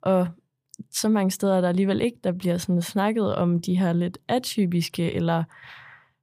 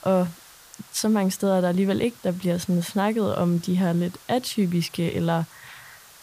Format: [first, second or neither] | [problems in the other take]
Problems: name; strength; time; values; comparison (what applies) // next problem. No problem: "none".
first | hiss; faint; throughout; 25 dB below the speech